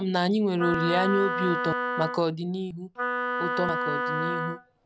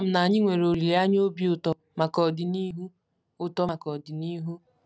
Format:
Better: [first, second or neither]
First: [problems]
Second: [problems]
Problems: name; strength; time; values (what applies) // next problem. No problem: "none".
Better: second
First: background sound (Wind instrument, woodwind instrument); 2 dB below the speech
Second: none